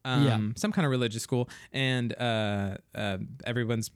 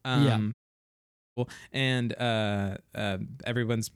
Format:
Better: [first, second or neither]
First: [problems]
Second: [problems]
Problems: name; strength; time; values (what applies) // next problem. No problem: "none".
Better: first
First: none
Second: audio cutting out; at 0.5 s for 1 s